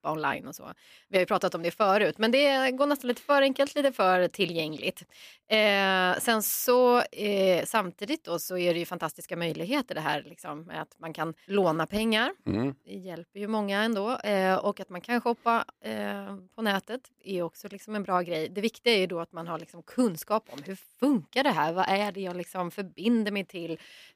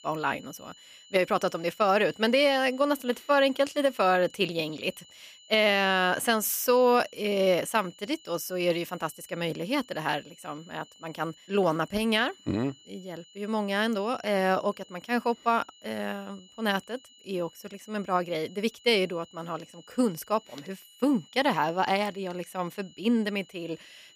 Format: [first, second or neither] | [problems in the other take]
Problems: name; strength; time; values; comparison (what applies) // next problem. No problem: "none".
first | high-pitched whine; faint; throughout; 3 kHz, 25 dB below the speech